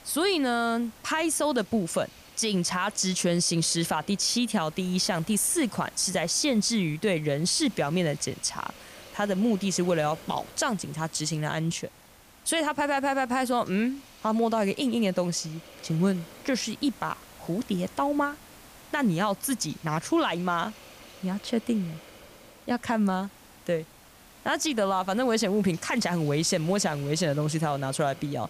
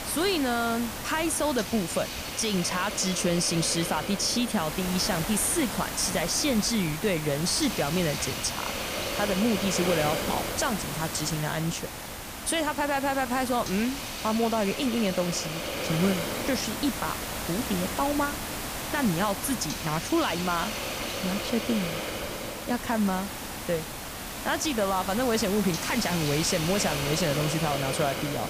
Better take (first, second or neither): first